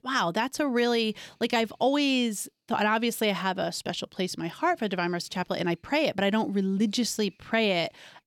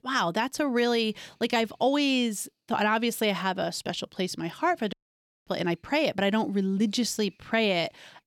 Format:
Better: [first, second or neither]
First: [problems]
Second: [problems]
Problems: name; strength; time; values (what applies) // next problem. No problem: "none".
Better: first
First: none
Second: audio cutting out; at 5 s for 0.5 s